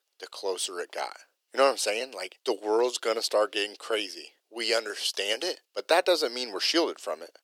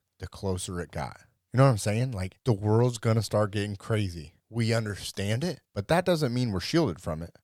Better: second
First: thin; very; fading below 350 Hz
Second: none

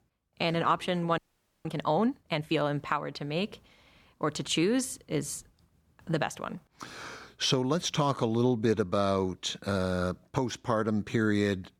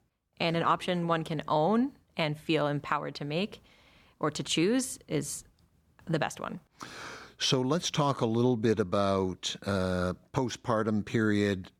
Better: second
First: audio freezing; at 1 s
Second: none

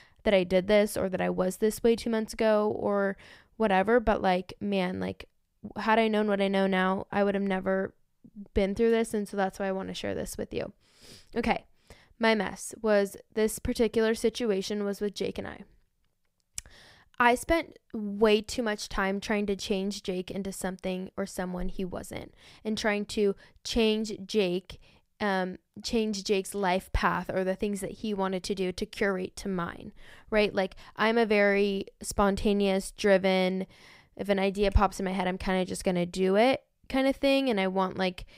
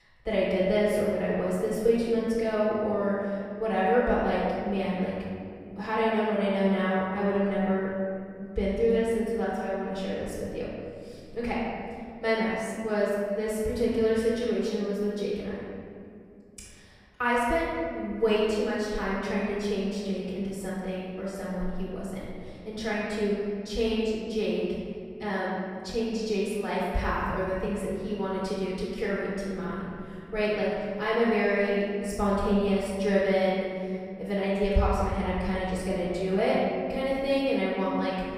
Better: first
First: none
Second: off-mic speech; far // room echo; strong; dies away in 2.4 s

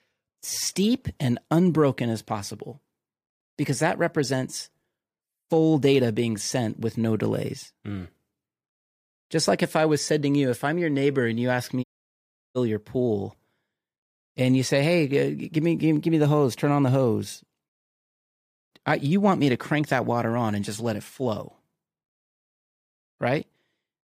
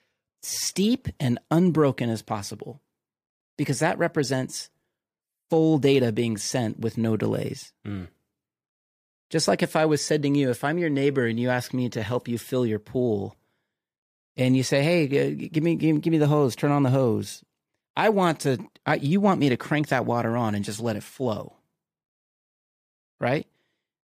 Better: second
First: audio cutting out; at 12 s for 0.5 s and at 18 s for 1 s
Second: none

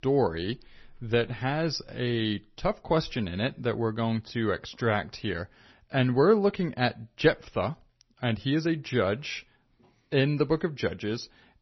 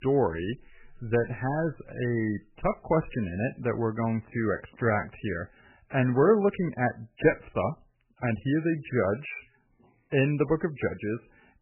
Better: first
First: garbled, watery; slightly; nothing above 6 kHz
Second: garbled, watery; badly; nothing above 3 kHz

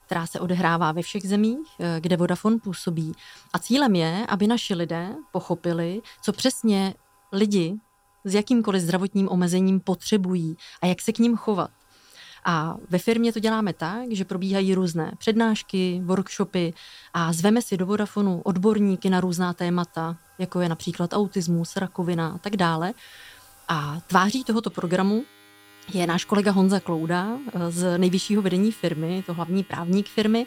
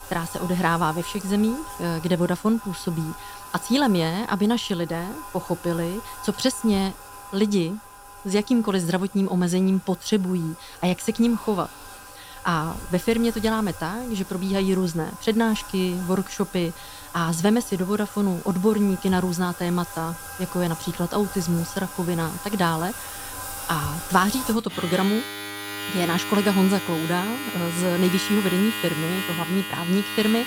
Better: first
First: household noises; faint; throughout; 30 dB below the speech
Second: household noises; loud; throughout; 10 dB below the speech

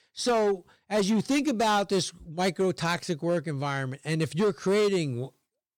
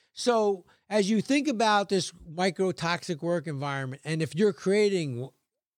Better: second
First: distortion; slight; 9% of the sound clipped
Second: none

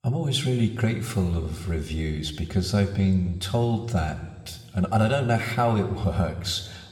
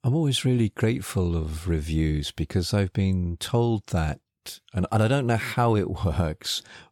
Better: second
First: room echo; slight; dies away in 1.5 s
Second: none

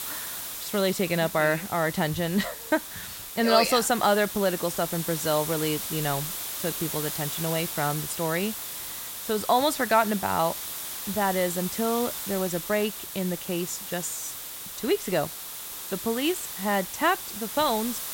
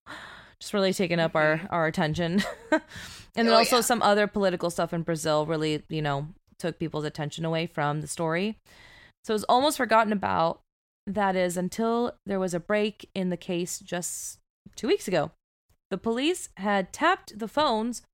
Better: second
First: hiss; loud; throughout; 6 dB below the speech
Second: none

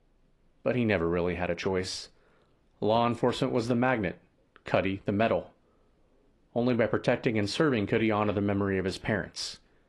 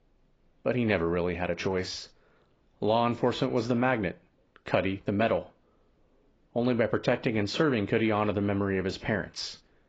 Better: first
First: garbled, watery; slightly; nothing above 10.5 kHz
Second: garbled, watery; badly; nothing above 7.5 kHz

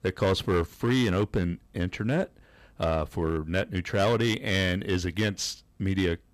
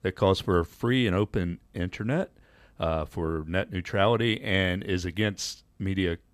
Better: second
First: distortion; slight; 6% of the sound clipped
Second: none

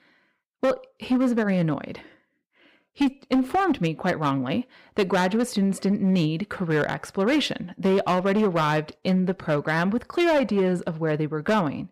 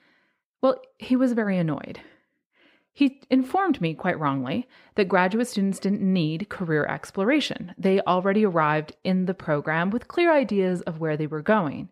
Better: second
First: distortion; slight; 7% of the sound clipped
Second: none

